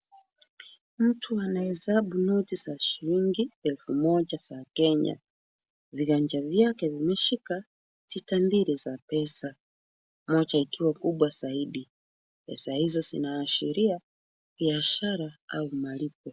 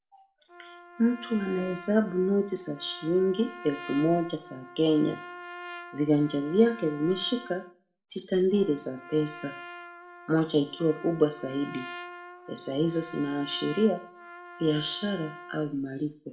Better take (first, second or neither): first